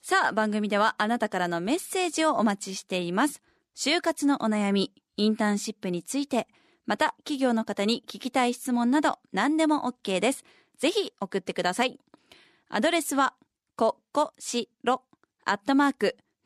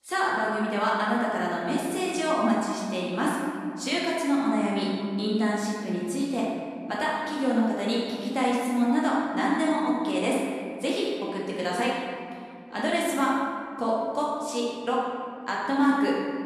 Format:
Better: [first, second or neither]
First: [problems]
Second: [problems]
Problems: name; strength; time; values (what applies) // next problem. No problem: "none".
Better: first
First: none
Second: room echo; strong; dies away in 1.9 s // off-mic speech; far